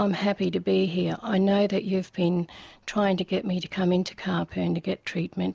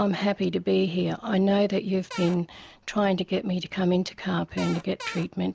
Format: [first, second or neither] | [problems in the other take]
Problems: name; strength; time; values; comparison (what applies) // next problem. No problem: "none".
first | background sound (Cupboard open or close / Door); 13 dB below the speech